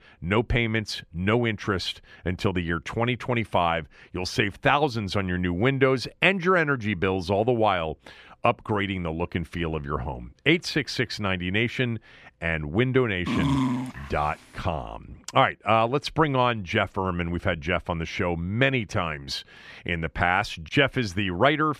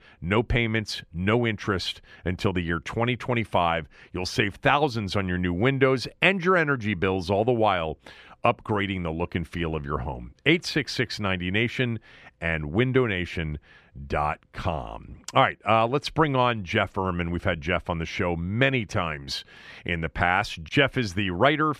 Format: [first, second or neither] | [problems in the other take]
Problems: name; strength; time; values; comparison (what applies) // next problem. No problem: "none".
second | dog barking; loud; at 13 s; peak 1 dB above the speech